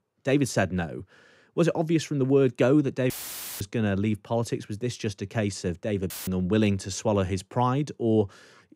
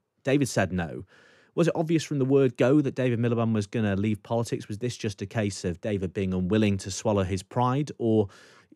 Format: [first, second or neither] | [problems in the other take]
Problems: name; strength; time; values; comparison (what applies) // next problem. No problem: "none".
second | audio cutting out; filled with static; at 3 s for 0.5 s and at 6 s